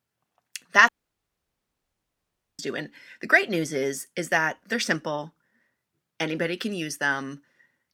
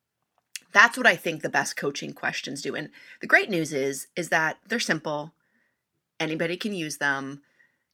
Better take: second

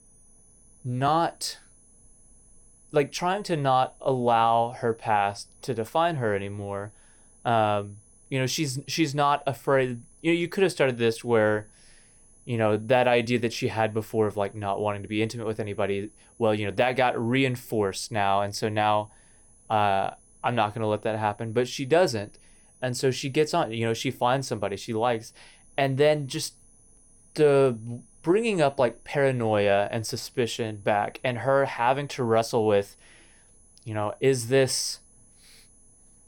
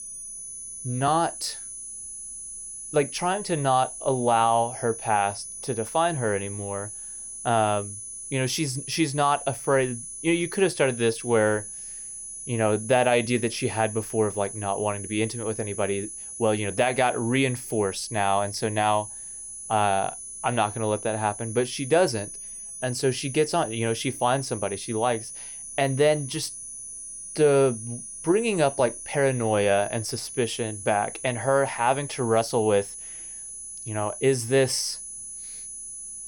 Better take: first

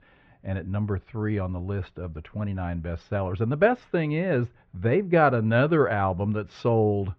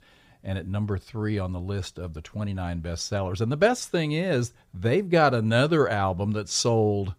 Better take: second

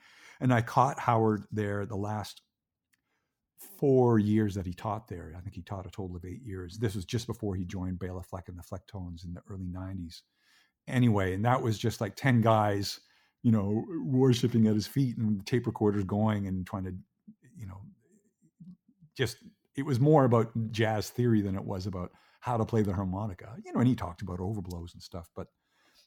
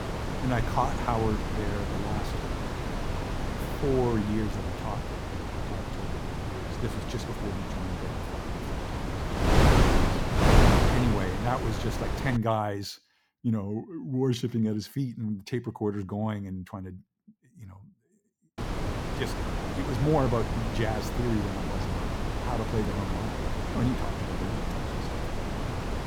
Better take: first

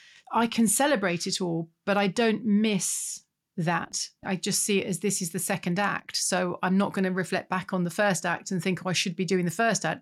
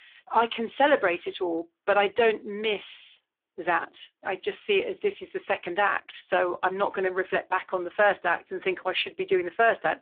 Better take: first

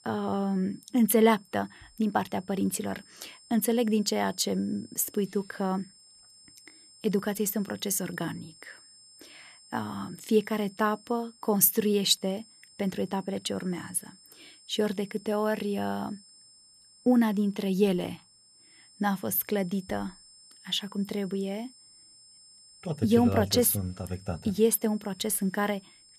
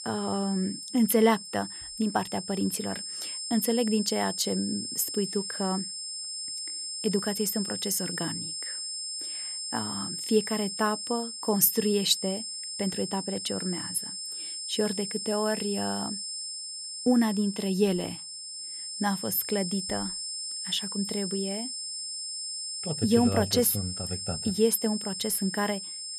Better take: first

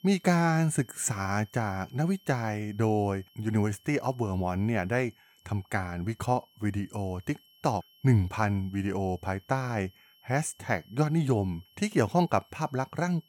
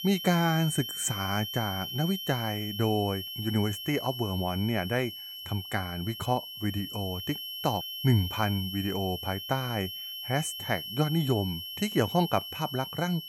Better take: first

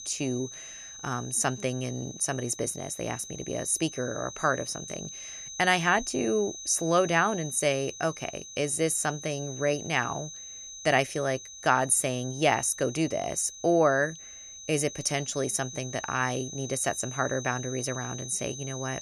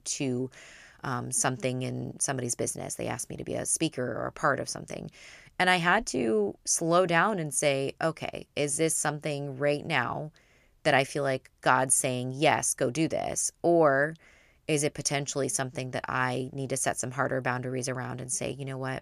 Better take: second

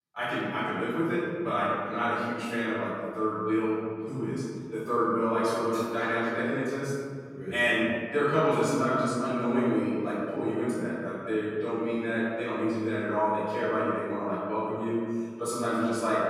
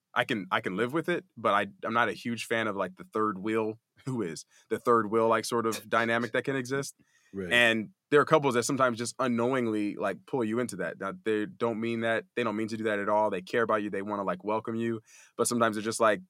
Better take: second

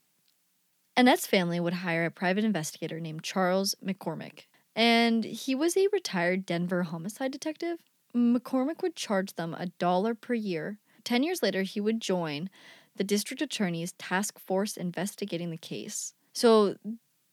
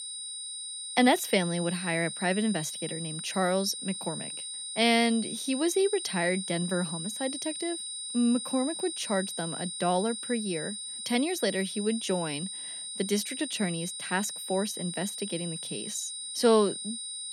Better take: first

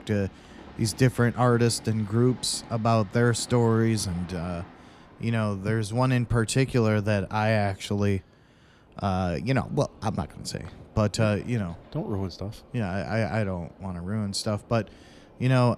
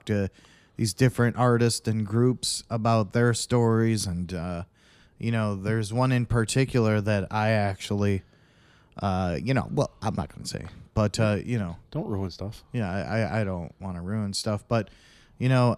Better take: second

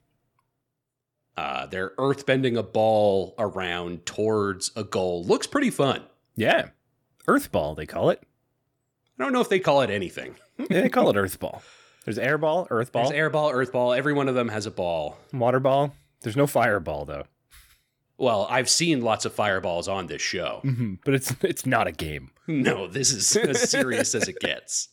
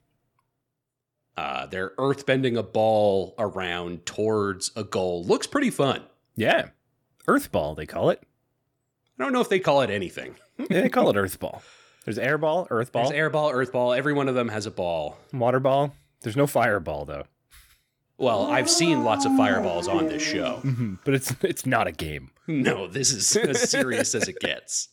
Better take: first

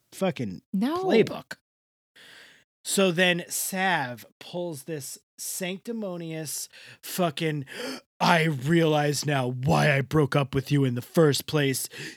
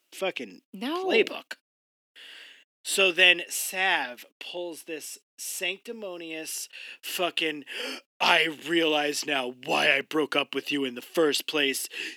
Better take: first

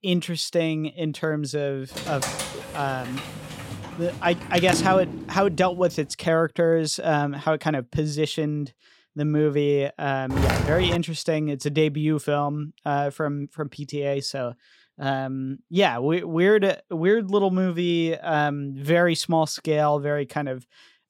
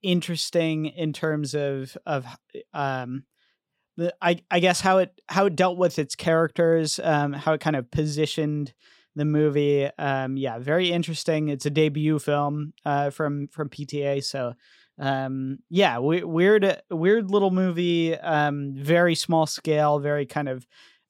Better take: second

